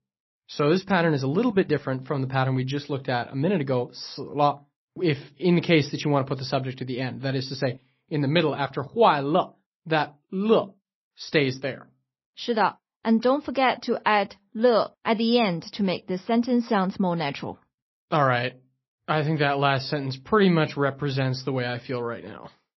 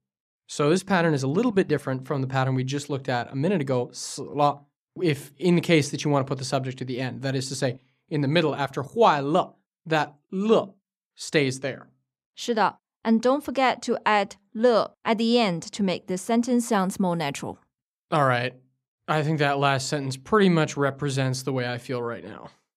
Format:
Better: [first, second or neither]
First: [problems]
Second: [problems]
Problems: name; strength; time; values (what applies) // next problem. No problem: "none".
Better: second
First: garbled, watery; slightly; nothing above 5.5 kHz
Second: none